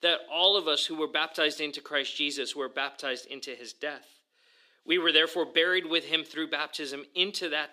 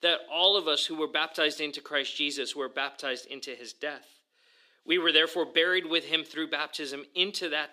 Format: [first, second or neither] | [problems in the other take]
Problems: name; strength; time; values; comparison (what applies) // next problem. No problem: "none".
neither | thin; somewhat; fading below 300 Hz; the same in both